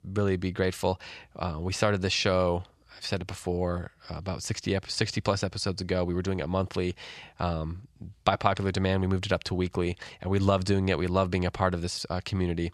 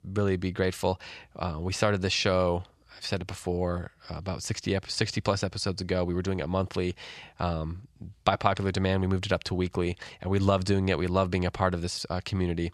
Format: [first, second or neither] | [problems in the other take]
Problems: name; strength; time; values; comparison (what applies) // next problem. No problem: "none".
neither | none